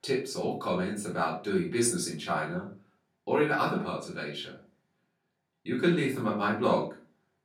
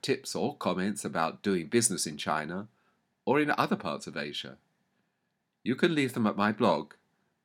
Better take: second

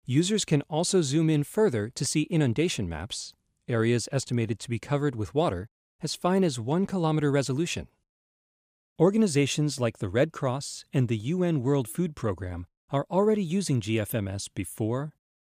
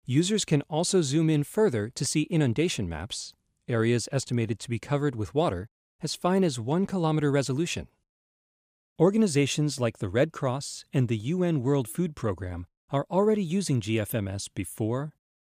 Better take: neither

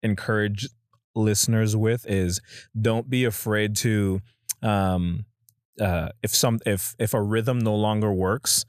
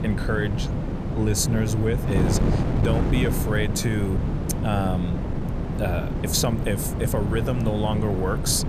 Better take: first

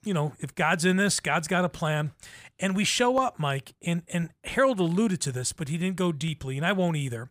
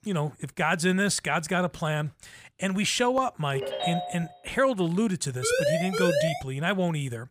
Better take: first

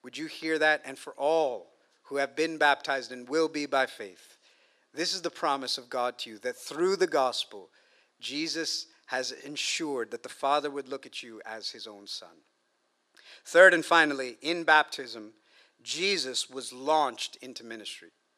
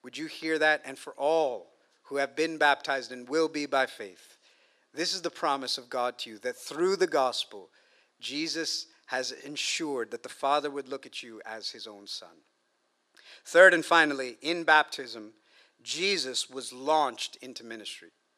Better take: neither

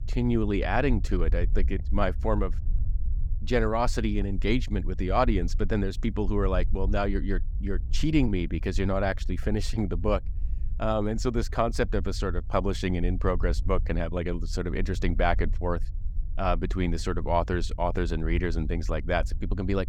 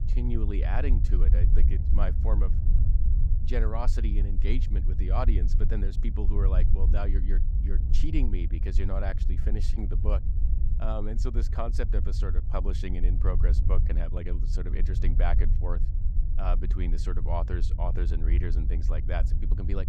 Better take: first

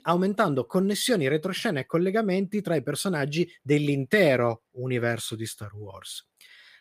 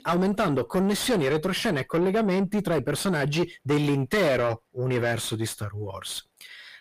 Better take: first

